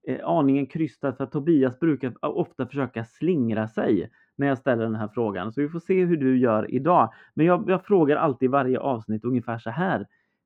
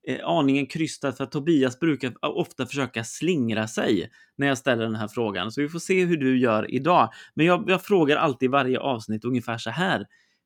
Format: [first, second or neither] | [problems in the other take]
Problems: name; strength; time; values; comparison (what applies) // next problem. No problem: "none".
second | muffled; very; fading above 3 kHz